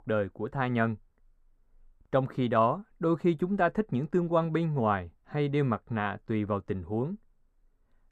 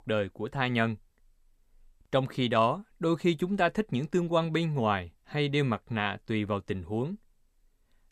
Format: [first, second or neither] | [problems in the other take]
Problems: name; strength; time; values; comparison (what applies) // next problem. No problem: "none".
second | muffled; slightly; fading above 2 kHz